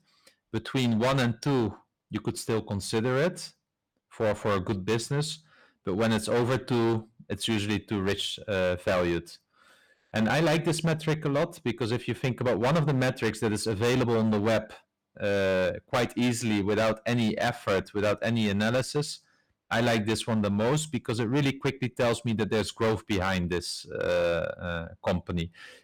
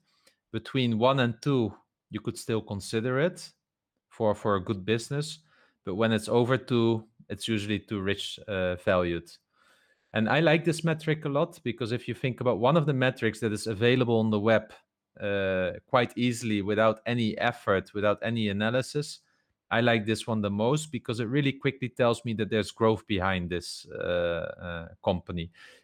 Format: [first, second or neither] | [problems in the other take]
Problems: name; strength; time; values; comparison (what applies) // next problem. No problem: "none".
second | distortion; heavy; 13% of the sound clipped